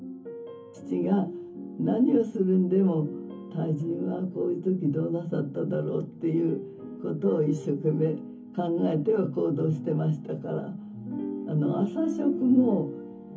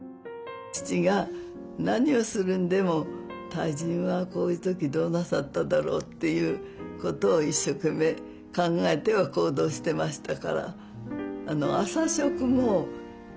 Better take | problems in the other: second | room echo; dies away in 0.3 s

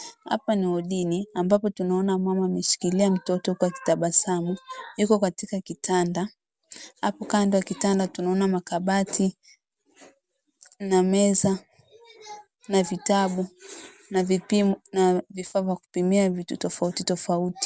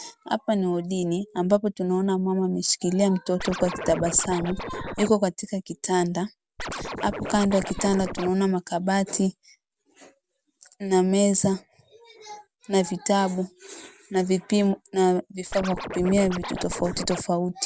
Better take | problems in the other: first | background sound (Scratching (performance technique)); 8 dB below the speech

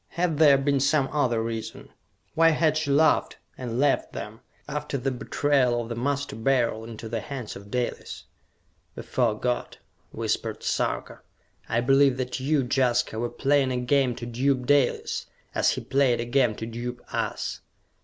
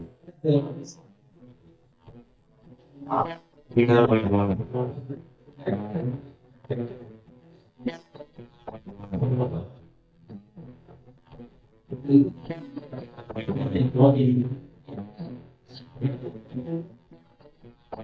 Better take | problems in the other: first | noise reduction (neural mask model DeepFilterNet 3)

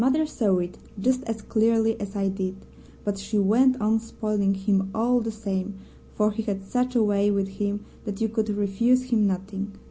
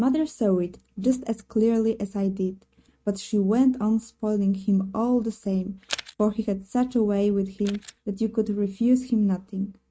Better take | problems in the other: first | noise reduction (neural mask model RNNoise)

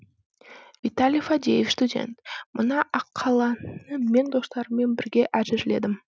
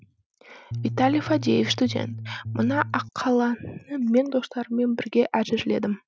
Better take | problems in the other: first | background sound (Bass guitar); 8 dB below the speech

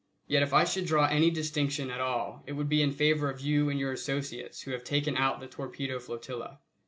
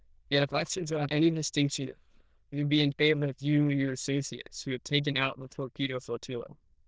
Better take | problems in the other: first | noise reduction (neural diffusion model UNIVERSE++)

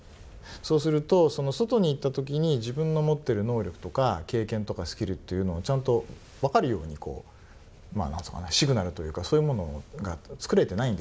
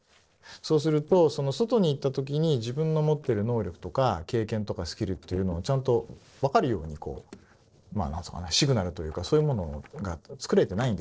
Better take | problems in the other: first | noise reduction (neural separator model SepFormer DNS4)

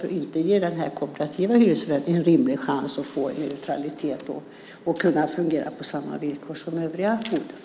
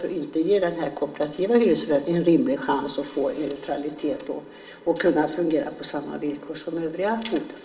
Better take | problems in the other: first | room echo; dies away in 0.2 s

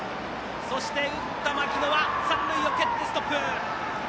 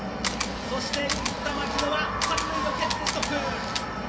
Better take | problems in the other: first | background sound (Camera); 5 dB below the speech // room echo; dies away in 0.2 s

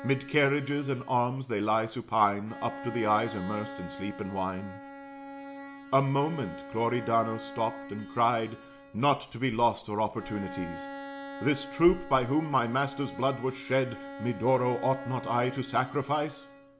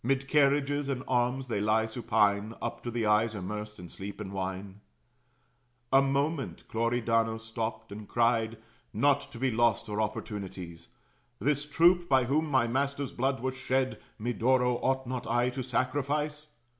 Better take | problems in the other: second | background sound (Bowed string instrument); 14 dB below the speech

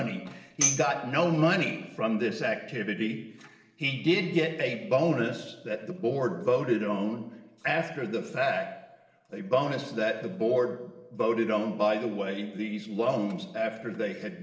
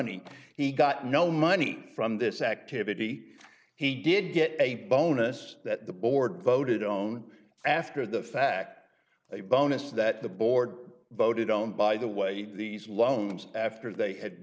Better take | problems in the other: second | background sound (Tambourine); 4 dB below the speech // room echo; dies away in 1.1 s

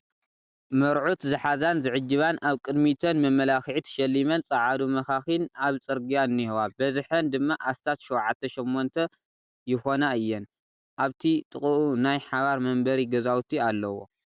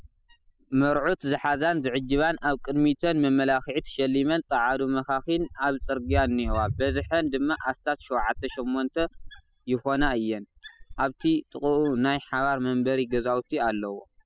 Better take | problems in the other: first | noise reduction (classical method spectral subtraction)

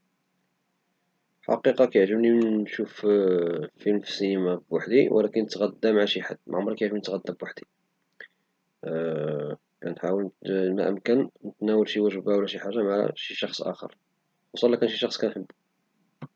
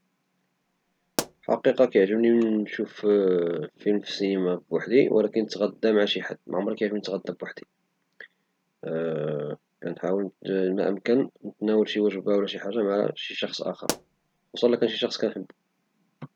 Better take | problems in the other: first | background sound (Explosion); 13 dB below the speech

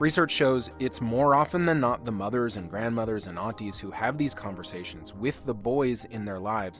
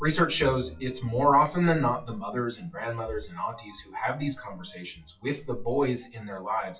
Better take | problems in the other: first | noise reduction (classical method WPE with log-MMSE)

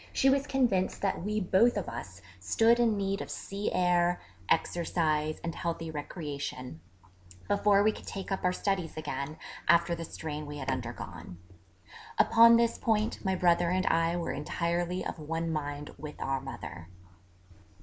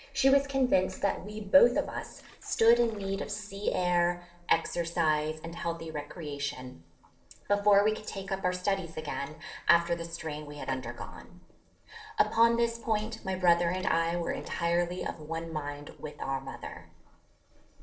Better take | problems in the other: first | noise reduction (neural separator model SepFormer DNS4)

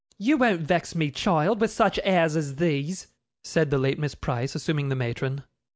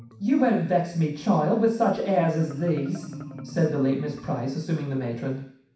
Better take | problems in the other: first | background sound (Marimba, xylophone); 17 dB below the speech // room echo; dies away in 0.6 s

